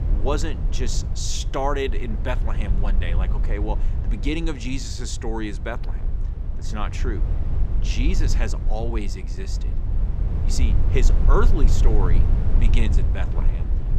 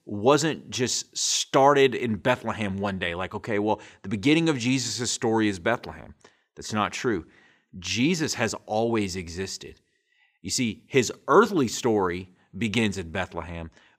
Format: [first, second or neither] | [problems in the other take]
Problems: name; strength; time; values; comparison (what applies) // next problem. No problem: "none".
second | low rumble; loud; throughout; 10 dB below the speech